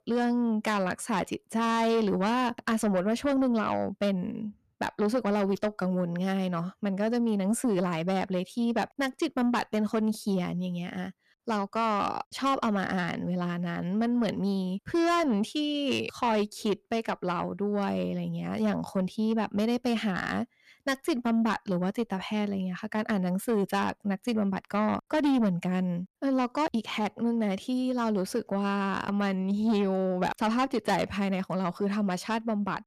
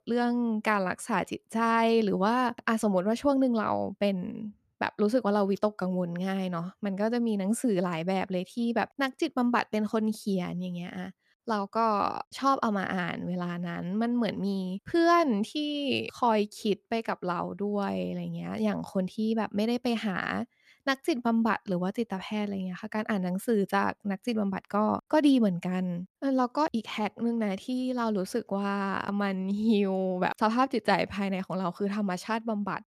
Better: second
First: distortion; slight; 10 dB below the speech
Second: none

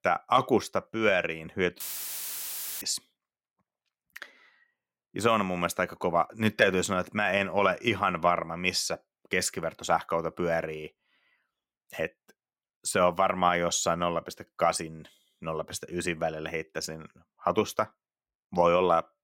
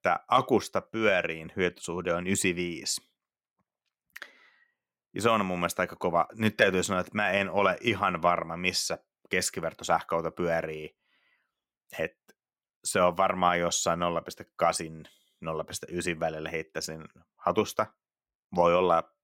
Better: second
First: audio cutting out; filled with static; at 2 s for 1 s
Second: none

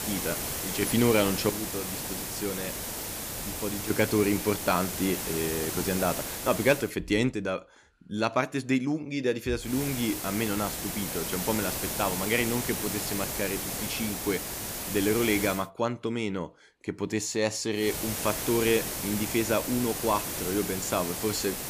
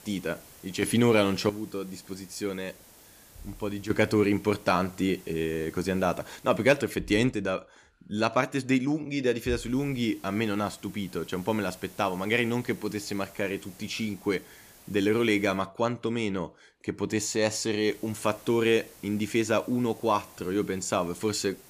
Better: second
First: hiss; loud; until 7 s, from 9.5 to 16 s and from 18 s on; 3 dB below the speech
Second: hiss; faint; until 7 s, from 9.5 to 16 s and from 18 s on; 20 dB below the speech

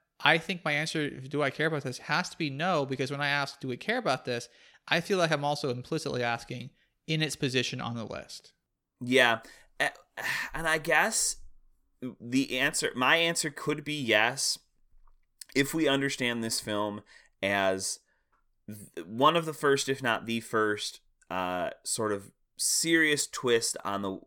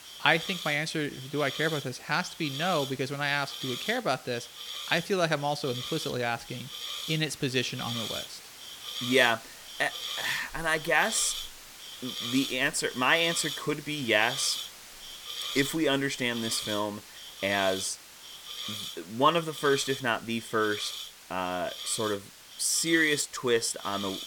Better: first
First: none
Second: hiss; loud; throughout; 9 dB below the speech

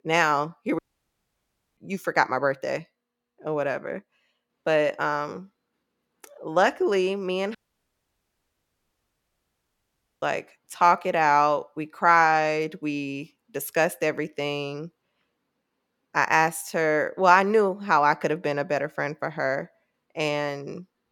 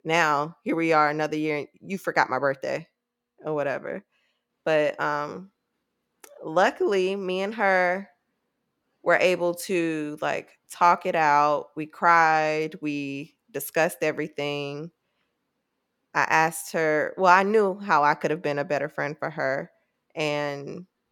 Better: second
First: audio cutting out; at 1 s for 1 s and at 7.5 s for 2.5 s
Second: none

